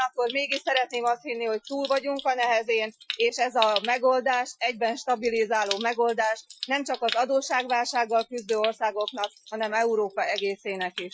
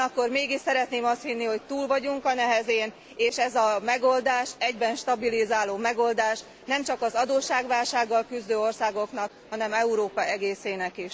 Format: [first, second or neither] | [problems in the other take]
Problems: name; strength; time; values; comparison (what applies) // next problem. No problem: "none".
second | noise reduction (classical method Wiener filter)